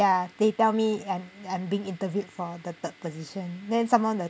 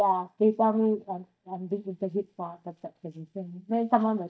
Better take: first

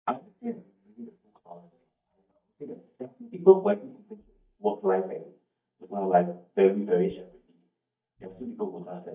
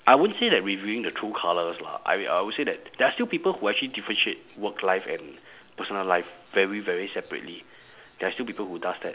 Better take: second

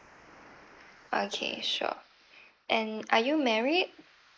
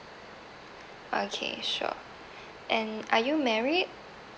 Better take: second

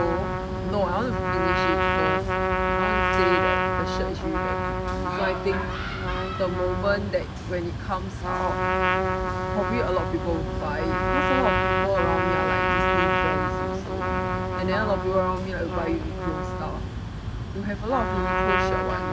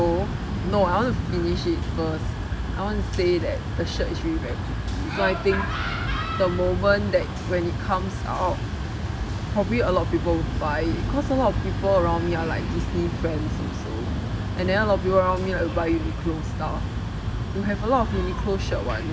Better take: second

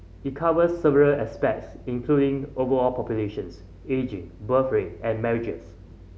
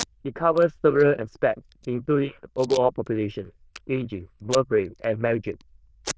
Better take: first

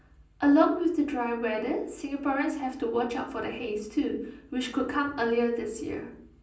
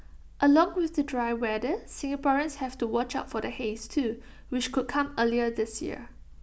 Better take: second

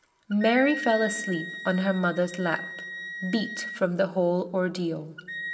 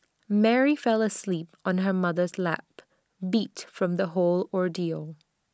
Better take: second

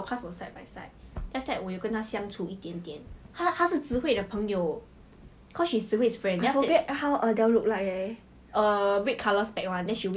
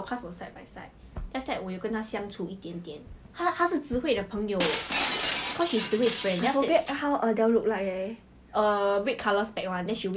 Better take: first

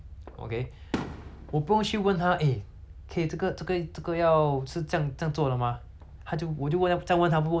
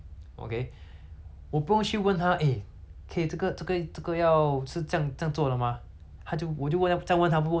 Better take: second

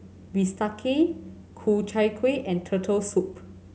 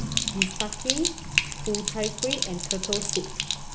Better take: first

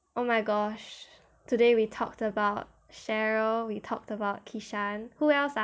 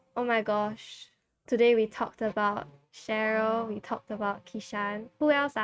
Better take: first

